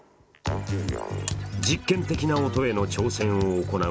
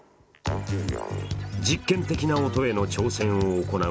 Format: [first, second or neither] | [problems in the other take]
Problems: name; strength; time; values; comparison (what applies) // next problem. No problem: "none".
second | background sound (Alarm); 17 dB below the speech